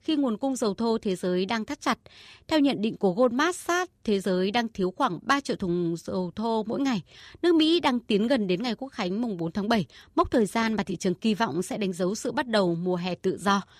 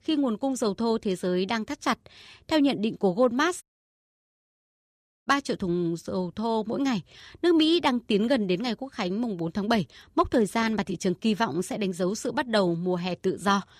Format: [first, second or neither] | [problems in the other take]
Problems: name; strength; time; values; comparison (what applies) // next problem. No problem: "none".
first | audio cutting out; at 3.5 s for 1.5 s